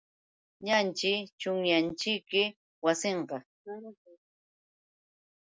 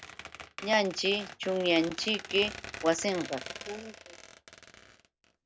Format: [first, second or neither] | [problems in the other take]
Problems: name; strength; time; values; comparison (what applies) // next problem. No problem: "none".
first | background sound (Squeak); 13 dB below the speech